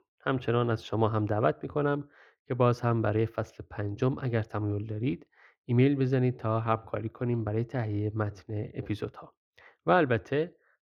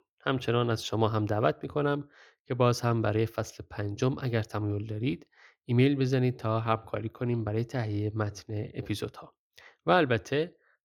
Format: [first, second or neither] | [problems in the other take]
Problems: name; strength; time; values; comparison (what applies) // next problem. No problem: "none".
second | muffled; slightly; fading above 3.5 kHz